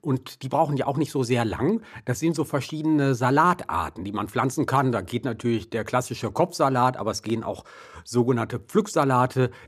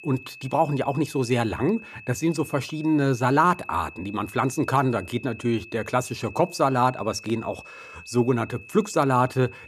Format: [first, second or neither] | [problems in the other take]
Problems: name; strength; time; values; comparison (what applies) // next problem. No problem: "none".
first | high-pitched whine; noticeable; throughout; 2.5 kHz, 20 dB below the speech